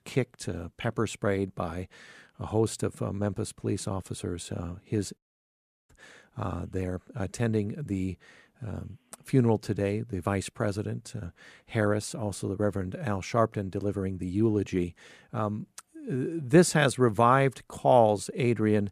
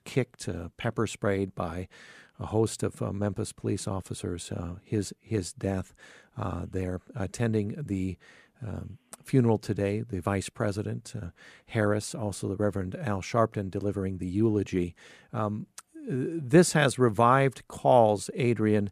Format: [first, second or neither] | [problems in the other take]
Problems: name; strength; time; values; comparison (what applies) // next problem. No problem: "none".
second | audio cutting out; at 5 s for 0.5 s